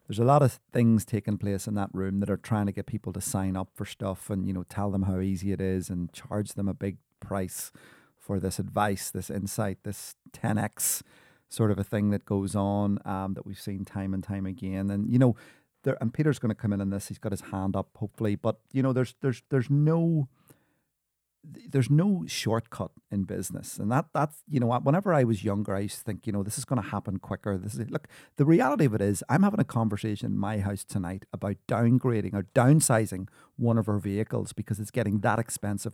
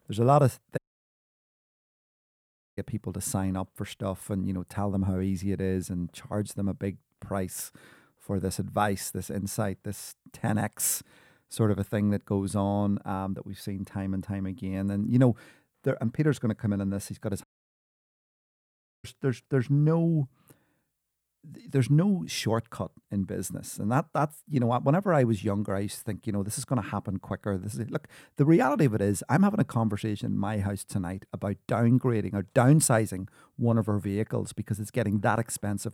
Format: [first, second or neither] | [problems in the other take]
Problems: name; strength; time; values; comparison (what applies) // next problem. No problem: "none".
first | audio cutting out; at 1 s for 2 s and at 17 s for 1.5 s